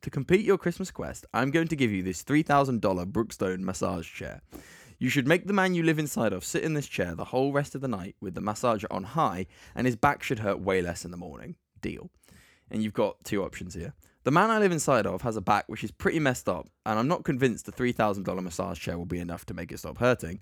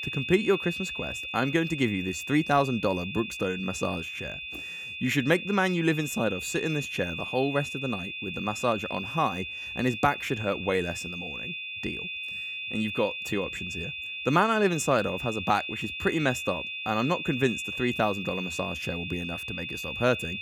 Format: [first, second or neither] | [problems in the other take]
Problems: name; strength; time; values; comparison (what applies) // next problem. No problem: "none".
first | high-pitched whine; loud; throughout; 2.5 kHz, 5 dB below the speech